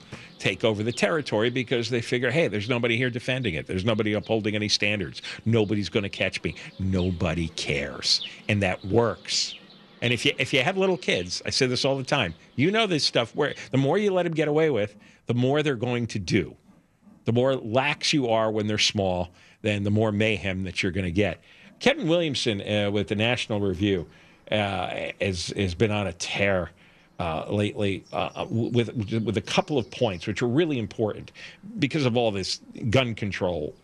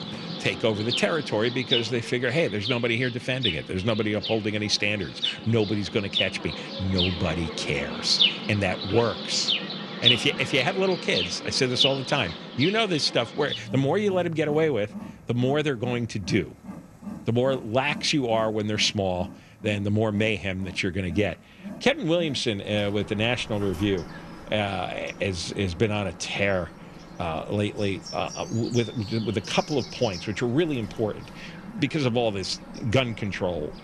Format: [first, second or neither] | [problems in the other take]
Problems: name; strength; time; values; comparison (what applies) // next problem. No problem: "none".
first | animal sounds; loud; throughout; 5 dB below the speech; faint in the first